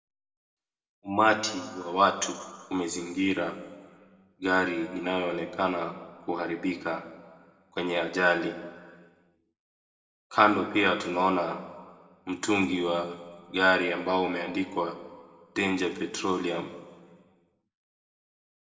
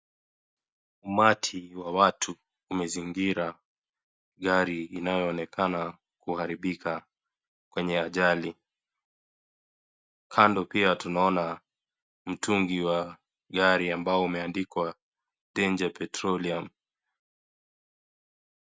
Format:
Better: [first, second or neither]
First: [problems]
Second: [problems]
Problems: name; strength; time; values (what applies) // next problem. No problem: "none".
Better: second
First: room echo; dies away in 1.3 s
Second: none